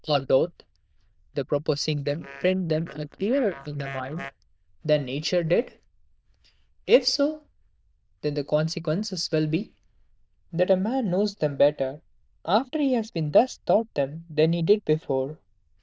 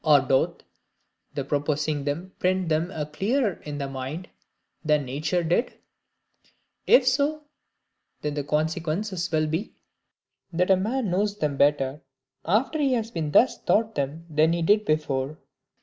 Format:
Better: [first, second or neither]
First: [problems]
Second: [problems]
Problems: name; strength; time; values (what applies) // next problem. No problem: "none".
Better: second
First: noise reduction (neural diffusion model UNIVERSE++)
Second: none